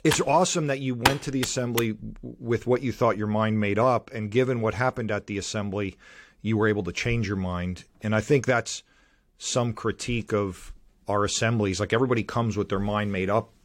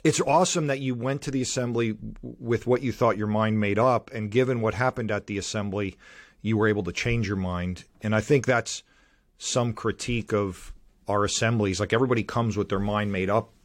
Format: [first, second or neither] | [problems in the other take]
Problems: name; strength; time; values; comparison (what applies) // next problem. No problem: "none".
second | keyboard typing; loud; until 2 s; peak 2 dB above the speech